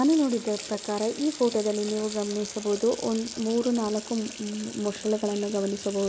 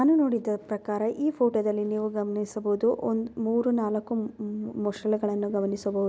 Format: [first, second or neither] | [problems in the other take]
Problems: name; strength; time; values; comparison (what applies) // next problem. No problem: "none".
second | background sound (Water tap, faucet); 13 dB below the speech